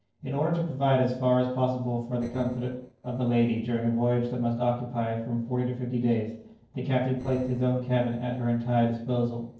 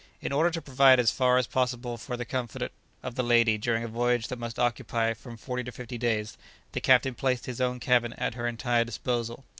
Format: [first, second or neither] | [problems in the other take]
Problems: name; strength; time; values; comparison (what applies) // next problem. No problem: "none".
second | noise reduction (neural separator model SepFormer DNS4)